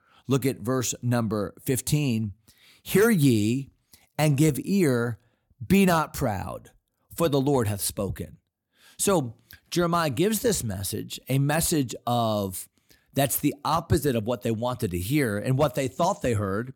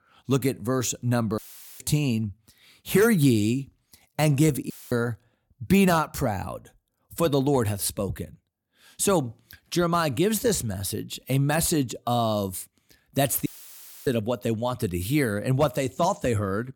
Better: first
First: none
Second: audio cutting out; filled with static; at 1.5 s, at 4.5 s and at 13 s for 0.5 s

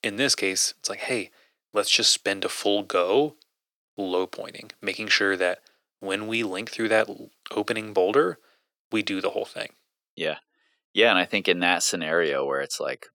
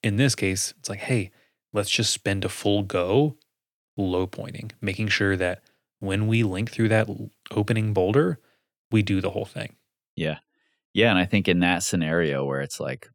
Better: second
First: thin; somewhat; fading below 450 Hz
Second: none

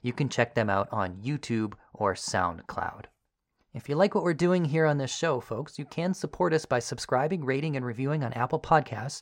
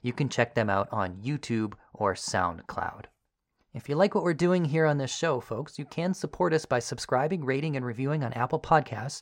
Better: neither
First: none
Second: none

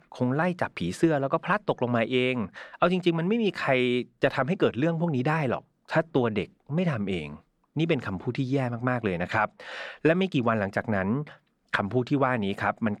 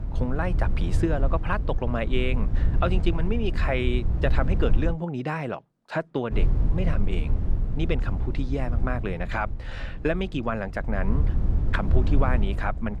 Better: first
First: none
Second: low rumble; noticeable; until 5 s and from 6.5 s on; 10 dB below the speech

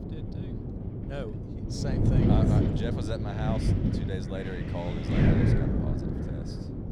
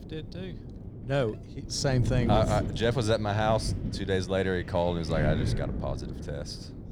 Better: second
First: wind noise on the microphone; heavy; 3 dB above the speech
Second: wind noise on the microphone; occasional gusts; 15 dB below the speech

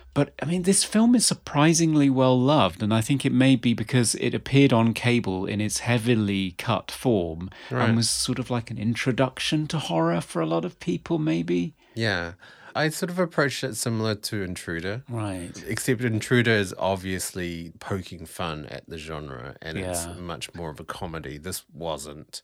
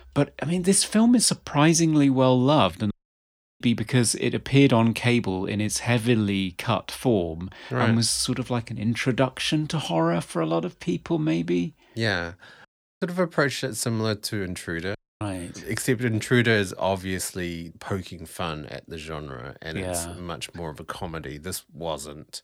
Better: first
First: none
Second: audio cutting out; at 3 s for 0.5 s, at 13 s and at 15 s

